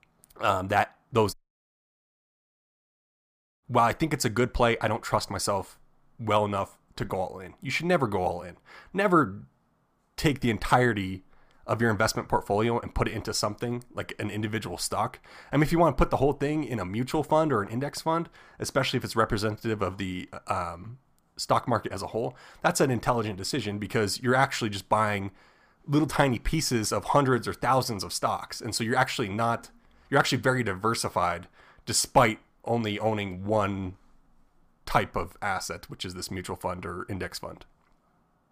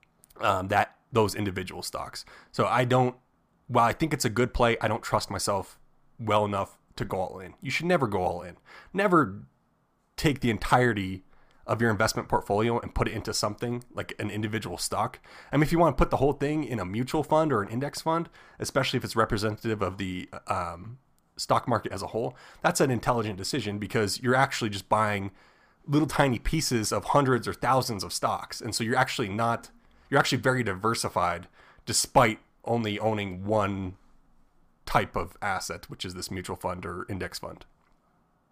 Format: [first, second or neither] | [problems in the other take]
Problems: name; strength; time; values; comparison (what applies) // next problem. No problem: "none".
second | audio cutting out; at 1.5 s for 2.5 s